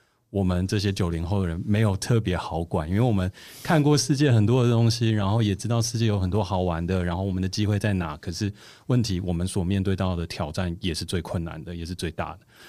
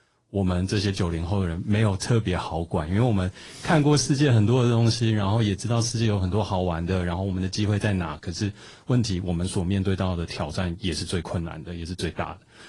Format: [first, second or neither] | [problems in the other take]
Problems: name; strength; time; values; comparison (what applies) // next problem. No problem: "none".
first | garbled, watery; slightly